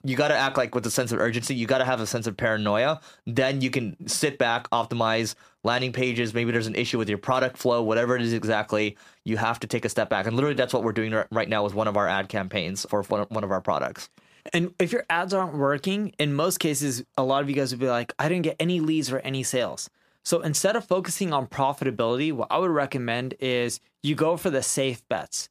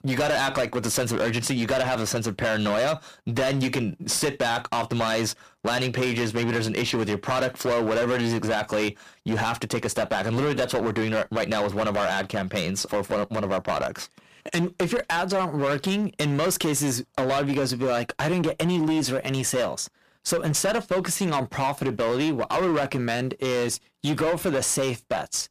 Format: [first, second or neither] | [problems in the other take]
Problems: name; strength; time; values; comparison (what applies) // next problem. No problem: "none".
first | distortion; heavy; 17% of the sound clipped